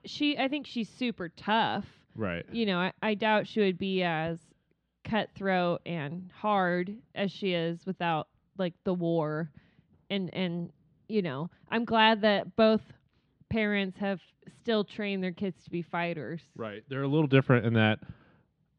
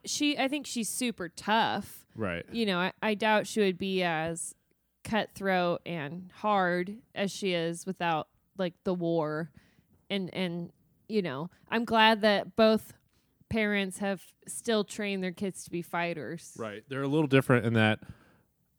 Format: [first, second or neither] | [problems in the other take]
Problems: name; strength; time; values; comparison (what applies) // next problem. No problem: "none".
second | muffled; very slightly; fading above 3.5 kHz